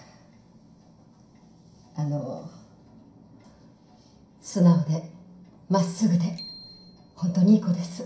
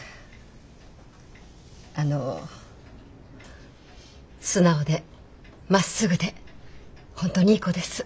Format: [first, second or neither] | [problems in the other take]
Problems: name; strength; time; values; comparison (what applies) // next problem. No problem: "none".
second | background sound (Bicycle bell); 20 dB below the speech // room echo; dies away in 0.5 s